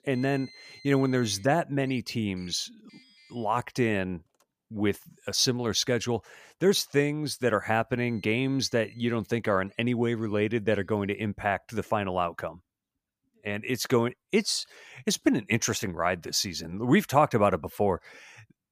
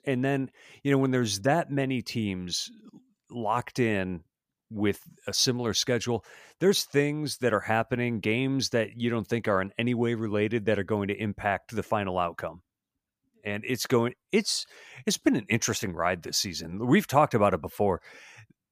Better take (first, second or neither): second